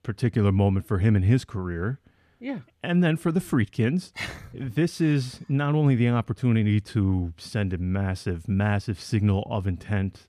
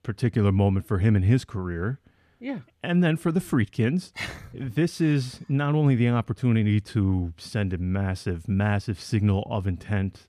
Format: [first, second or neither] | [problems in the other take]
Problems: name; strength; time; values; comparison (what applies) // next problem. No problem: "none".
neither | none